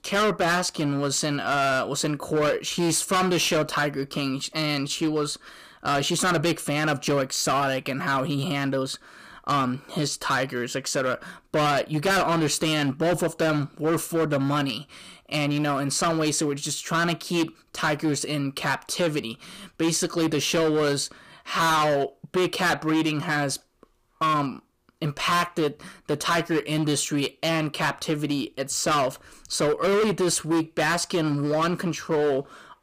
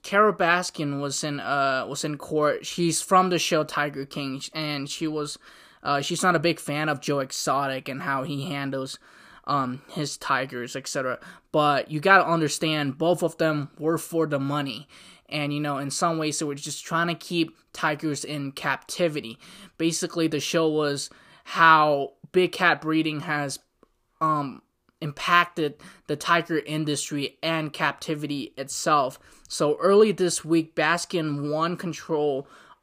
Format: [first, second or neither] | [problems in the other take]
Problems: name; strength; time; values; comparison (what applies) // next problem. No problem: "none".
second | distortion; heavy; 14% of the sound clipped